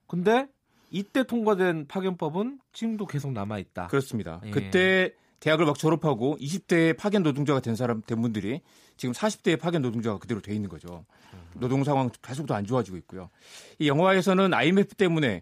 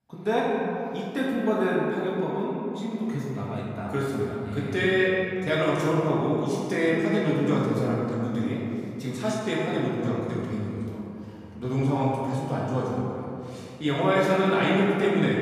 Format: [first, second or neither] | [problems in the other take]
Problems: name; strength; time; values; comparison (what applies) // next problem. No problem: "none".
first | room echo; strong; dies away in 2.4 s // off-mic speech; far